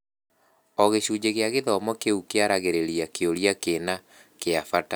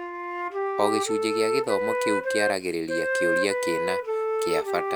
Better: first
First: none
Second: background sound (Wind instrument, woodwind instrument); 3 dB above the speech

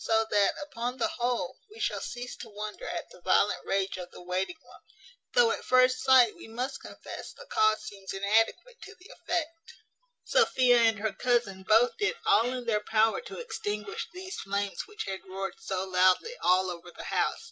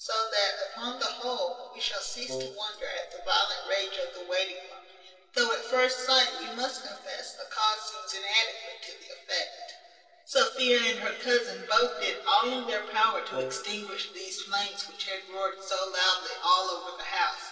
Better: first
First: none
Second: noise reduction (neural separator model SepFormer DNS4)

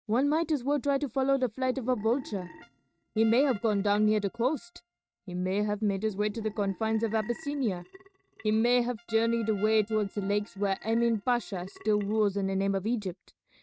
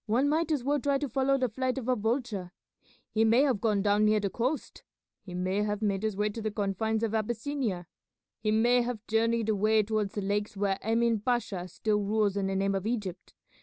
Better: second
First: noise reduction (neural mask model RNNoise)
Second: none

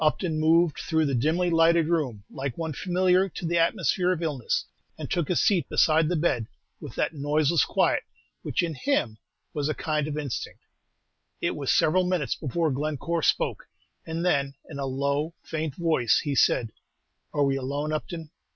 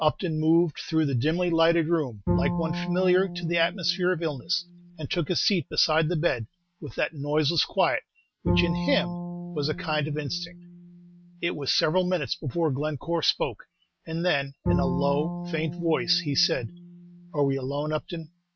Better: first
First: none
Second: noise reduction (neural mask model RNNoise)

